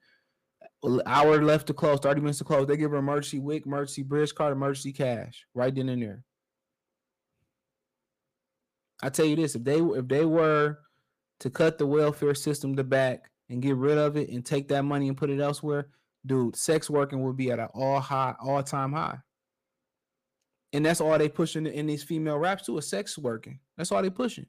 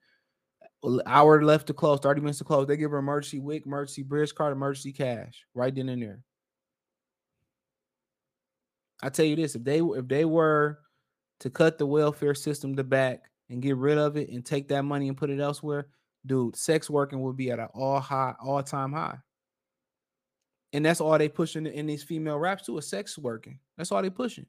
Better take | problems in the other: second | distortion; slight; 10 dB below the speech

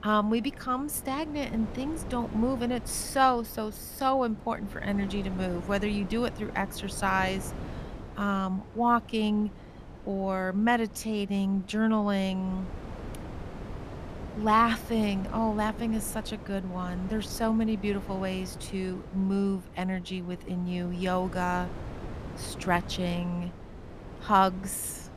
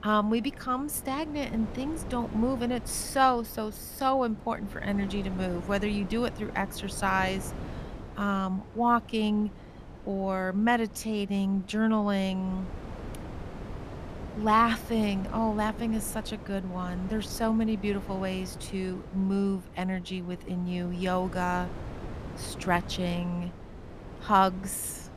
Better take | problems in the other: neither | wind noise on the microphone; occasional gusts; 15 dB below the speech; the same in both

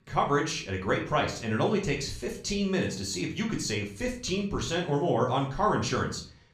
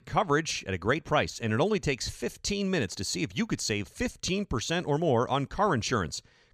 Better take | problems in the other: second | room echo; slight; dies away in 0.4 s // off-mic speech; far

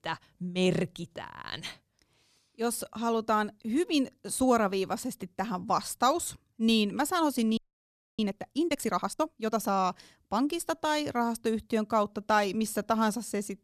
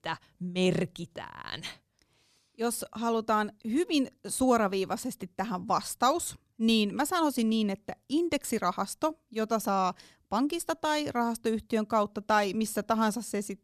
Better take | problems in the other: second | audio freezing; at 7.5 s for 0.5 s

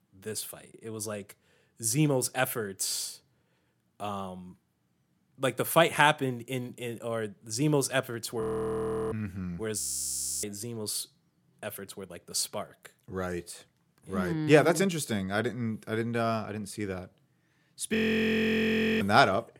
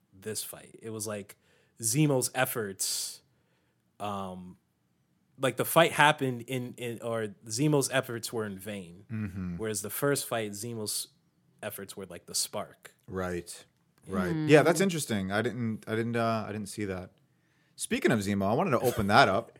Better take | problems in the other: second | audio freezing; at 8.5 s for 0.5 s, at 10 s for 0.5 s and at 18 s for 1 s

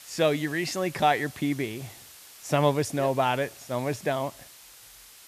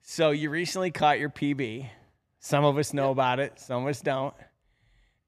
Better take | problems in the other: second | hiss; noticeable; throughout; 20 dB below the speech

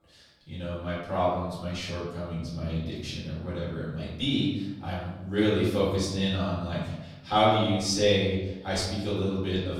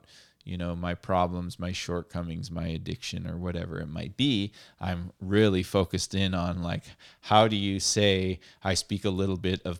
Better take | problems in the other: second | off-mic speech; far // room echo; noticeable; dies away in 0.9 s

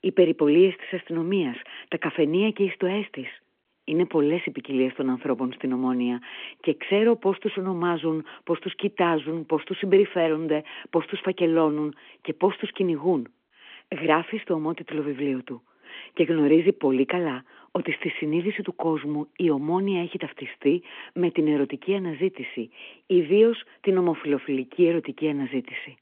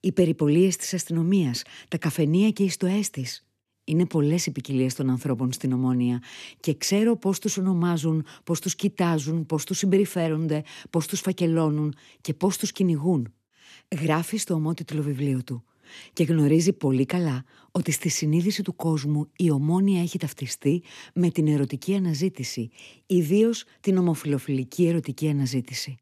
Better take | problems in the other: second | phone-call audio

